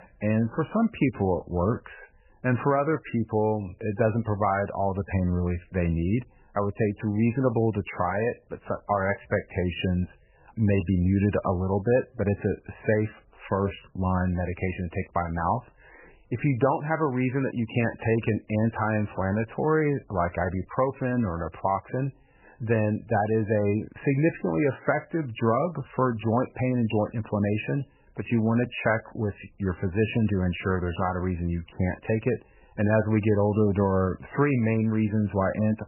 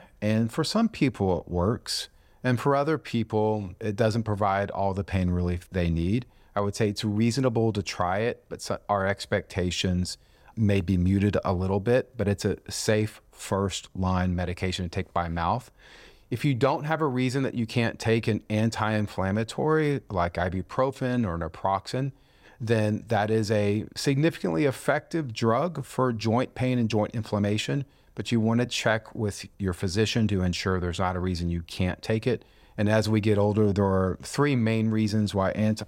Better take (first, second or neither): second